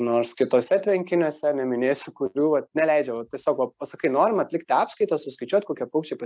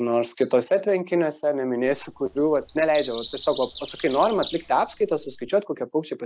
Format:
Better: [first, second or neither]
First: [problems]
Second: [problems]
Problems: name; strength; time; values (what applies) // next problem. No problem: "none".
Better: first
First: none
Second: background sound (Bird vocalization, bird call, bird song); 17 dB below the speech